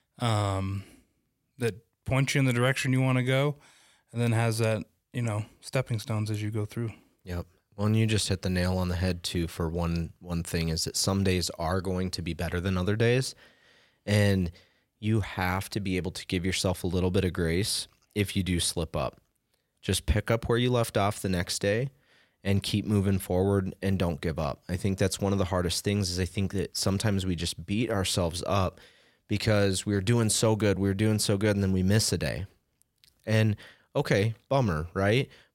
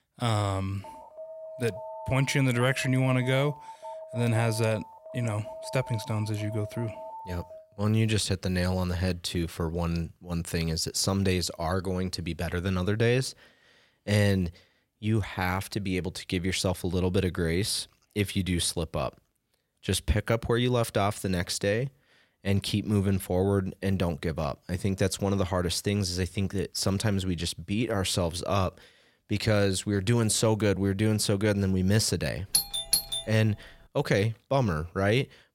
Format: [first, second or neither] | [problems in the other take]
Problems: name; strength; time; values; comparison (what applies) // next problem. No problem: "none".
first | alarm; faint; from 1 to 7.5 s; peak 10 dB below the speech // doorbell; loud; at 33 s; peak 2 dB above the speech